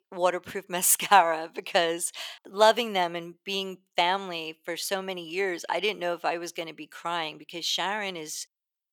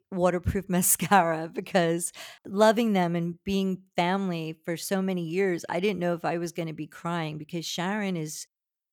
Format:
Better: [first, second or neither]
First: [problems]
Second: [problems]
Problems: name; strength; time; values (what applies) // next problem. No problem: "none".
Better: second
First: thin; very; fading below 450 Hz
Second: none